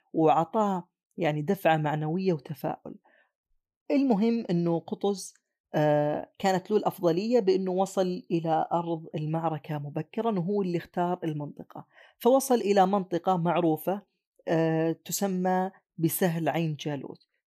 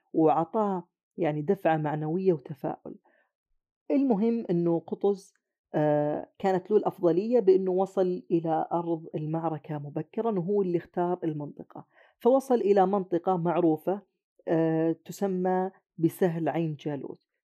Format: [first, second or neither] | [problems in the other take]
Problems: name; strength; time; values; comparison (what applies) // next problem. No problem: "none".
first | muffled; slightly; fading above 3 kHz